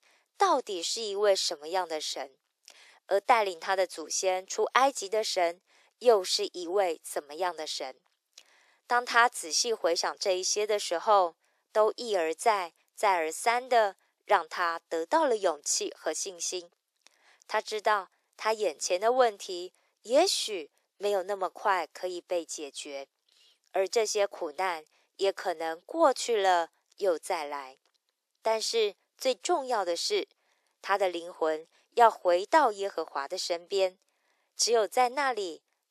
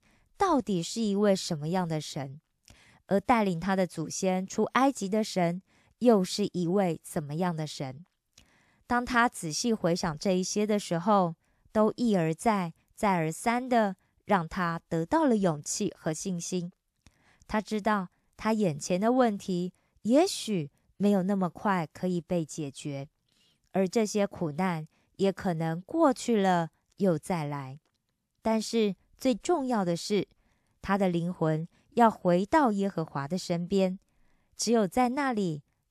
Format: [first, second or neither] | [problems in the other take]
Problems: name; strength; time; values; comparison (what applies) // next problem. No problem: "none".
second | thin; very; fading below 400 Hz